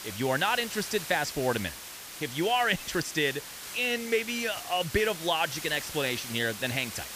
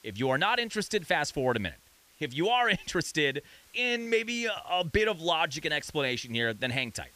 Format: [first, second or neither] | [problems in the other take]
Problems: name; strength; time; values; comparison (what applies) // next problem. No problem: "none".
second | hiss; loud; throughout; 9 dB below the speech; faint in the second